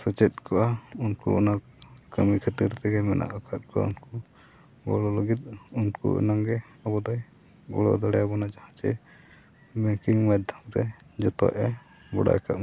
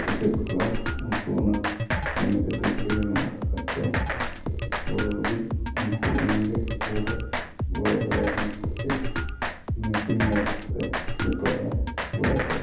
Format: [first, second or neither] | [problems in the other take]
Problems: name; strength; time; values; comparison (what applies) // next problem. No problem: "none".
first | background sound (Drum kit); as loud as the speech // room echo; dies away in 0.9 s